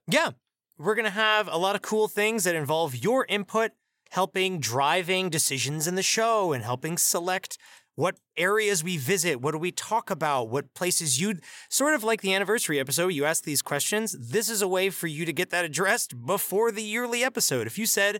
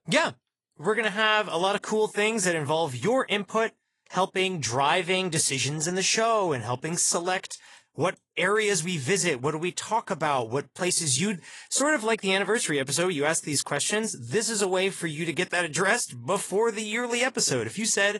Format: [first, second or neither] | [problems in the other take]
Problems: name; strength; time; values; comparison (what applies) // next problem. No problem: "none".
first | garbled, watery; slightly; nothing above 10.5 kHz